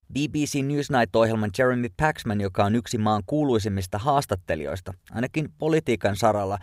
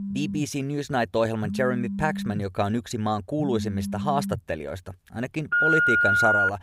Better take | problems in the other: first | alarms or sirens; very loud; throughout; 3 dB above the speech

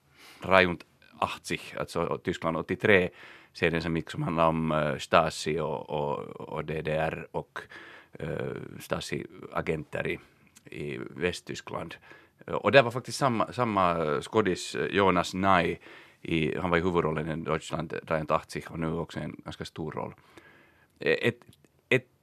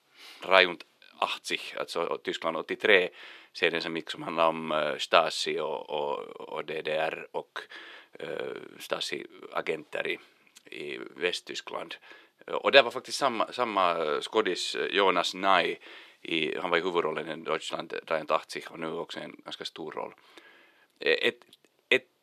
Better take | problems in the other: first | thin; somewhat; fading below 400 Hz

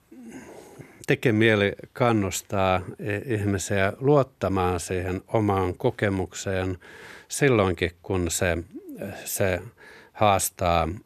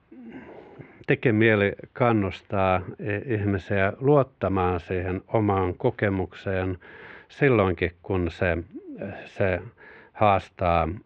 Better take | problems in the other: first | muffled; very; fading above 3 kHz

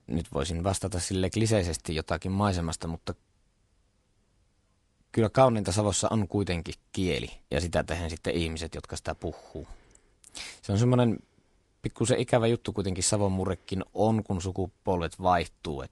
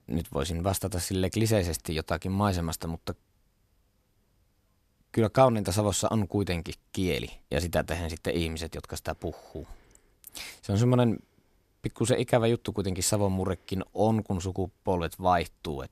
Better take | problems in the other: second | garbled, watery; slightly

